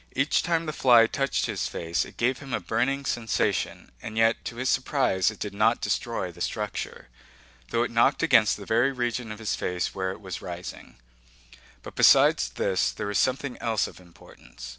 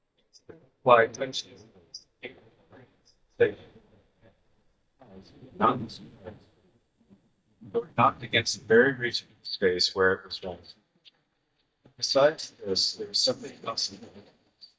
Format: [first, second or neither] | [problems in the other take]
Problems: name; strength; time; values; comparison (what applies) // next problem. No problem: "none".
first | noise reduction (neural mask model DeepFilterNet 3)